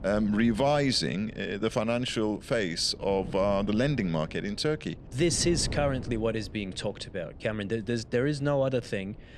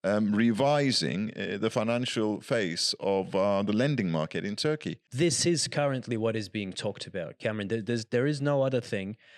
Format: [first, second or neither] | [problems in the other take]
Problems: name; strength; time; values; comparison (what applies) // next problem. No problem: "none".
second | wind noise on the microphone; occasional gusts; 20 dB below the speech